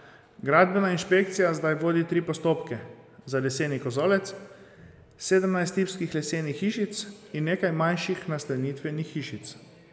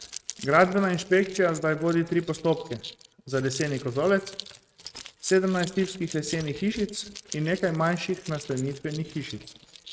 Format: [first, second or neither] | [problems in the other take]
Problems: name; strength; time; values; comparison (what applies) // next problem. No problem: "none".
first | noise reduction (neural mask model RNNoise)